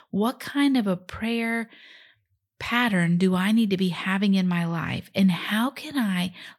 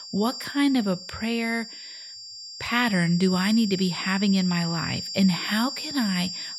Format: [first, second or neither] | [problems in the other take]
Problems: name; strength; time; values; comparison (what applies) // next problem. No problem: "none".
first | high-pitched whine; loud; throughout; 5 kHz, 8 dB below the speech